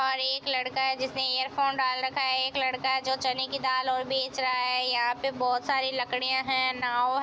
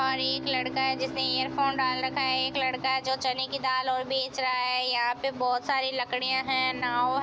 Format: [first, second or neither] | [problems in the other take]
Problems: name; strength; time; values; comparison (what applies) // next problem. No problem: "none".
first | background sound (Bowed string instrument); 12 dB below the speech